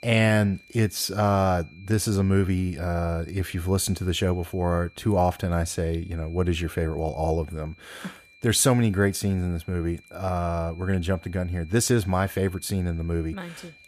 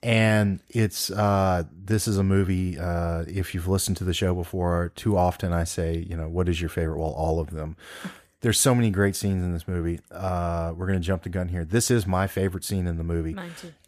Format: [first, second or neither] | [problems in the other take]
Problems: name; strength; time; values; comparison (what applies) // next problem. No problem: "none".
second | high-pitched whine; faint; throughout; 2.5 kHz, 25 dB below the speech